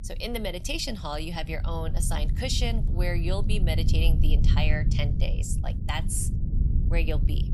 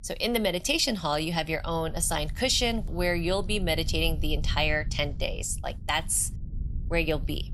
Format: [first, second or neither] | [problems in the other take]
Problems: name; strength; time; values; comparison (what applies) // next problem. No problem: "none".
second | low rumble; loud; throughout; 9 dB below the speech; faint in the second